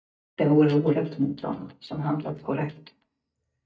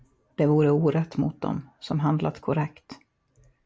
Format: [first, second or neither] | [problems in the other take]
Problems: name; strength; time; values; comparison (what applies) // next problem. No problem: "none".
second | noise reduction (neural mask model DeepFilterNet 3)